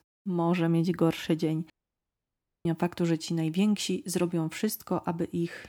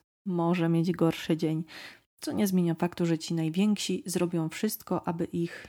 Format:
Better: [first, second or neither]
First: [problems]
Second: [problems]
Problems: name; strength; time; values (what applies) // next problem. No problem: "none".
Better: second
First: audio cutting out; at 1.5 s for 1 s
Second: none